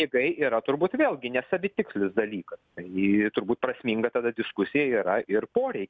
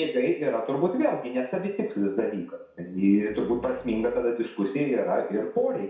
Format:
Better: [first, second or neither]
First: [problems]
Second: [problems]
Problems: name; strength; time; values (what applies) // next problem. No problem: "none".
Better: first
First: none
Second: background sound (Piano); 20 dB below the speech // room echo; dies away in 0.6 s